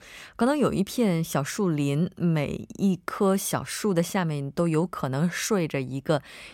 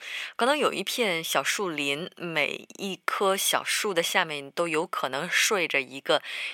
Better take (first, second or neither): first